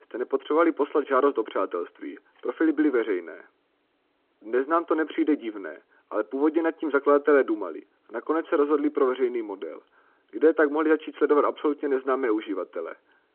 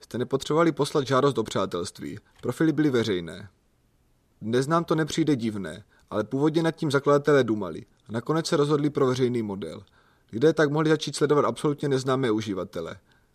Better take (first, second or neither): second